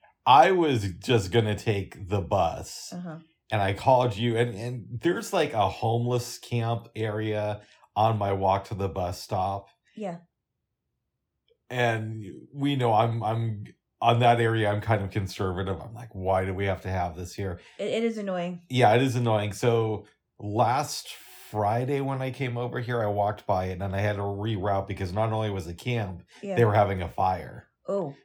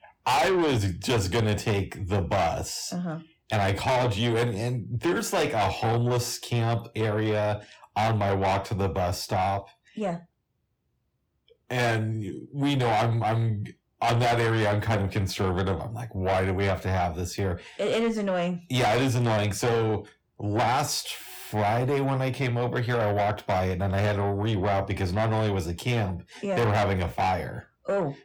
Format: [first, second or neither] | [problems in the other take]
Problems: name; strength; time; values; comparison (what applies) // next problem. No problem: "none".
first | distortion; heavy; 6 dB below the speech